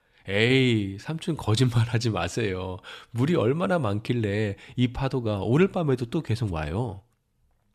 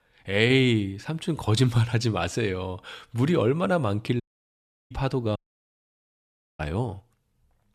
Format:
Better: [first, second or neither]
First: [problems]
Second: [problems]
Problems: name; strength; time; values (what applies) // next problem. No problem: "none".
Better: first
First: none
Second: audio cutting out; at 4 s for 0.5 s and at 5.5 s for 1 s